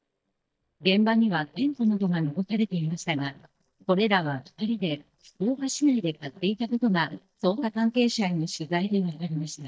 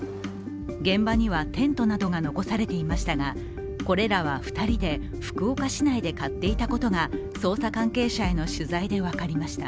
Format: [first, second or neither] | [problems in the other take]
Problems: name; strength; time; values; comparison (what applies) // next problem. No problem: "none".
second | noise reduction (neural mask model DeepFilterNet 3)